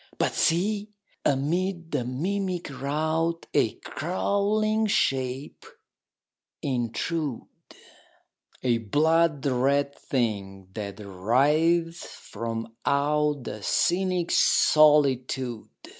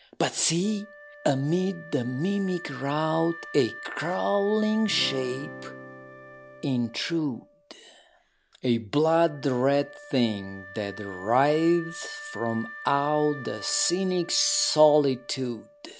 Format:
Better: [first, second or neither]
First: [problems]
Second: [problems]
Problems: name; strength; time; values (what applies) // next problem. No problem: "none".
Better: first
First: none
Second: background sound (Acoustic guitar / Strum + Wind instrument, woodwind instrument); 16 dB below the speech